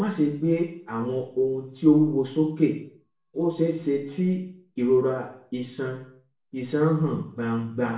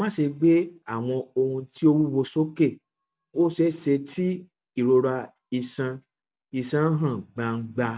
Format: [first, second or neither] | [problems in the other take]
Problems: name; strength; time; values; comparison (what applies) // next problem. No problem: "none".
second | room echo; dies away in 0.5 s